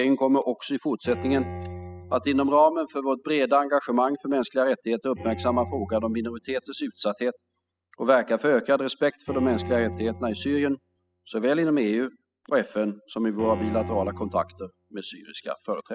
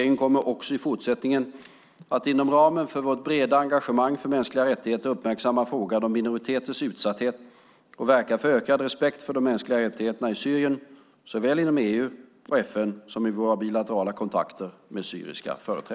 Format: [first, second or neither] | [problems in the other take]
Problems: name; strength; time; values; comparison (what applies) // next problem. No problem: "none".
second | noise reduction (classical method spectral subtraction)